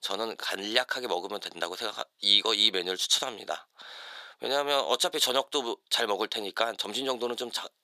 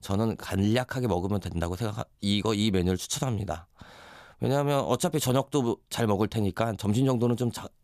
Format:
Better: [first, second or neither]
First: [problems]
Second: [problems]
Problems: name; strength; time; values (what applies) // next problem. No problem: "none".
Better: second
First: thin; very; fading below 400 Hz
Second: none